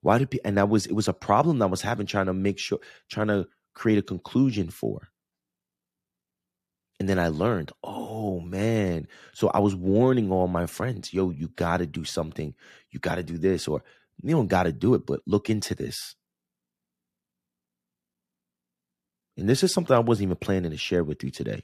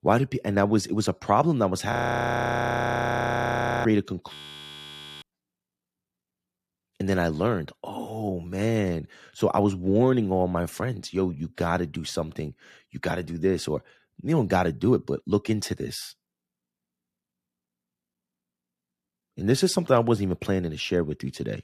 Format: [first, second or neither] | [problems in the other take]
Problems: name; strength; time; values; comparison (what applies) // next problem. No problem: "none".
first | audio freezing; at 2 s for 2 s and at 4.5 s for 1 s